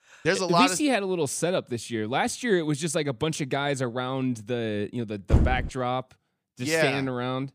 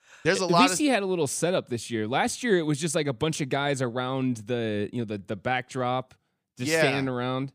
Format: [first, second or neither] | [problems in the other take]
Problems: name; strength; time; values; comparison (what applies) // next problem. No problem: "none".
second | door banging; loud; at 5.5 s; peak 2 dB above the speech